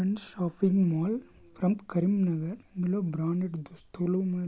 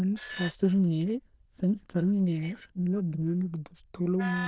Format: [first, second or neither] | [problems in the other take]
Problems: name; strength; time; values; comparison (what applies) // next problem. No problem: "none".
first | noise reduction (neural diffusion model UNIVERSE++)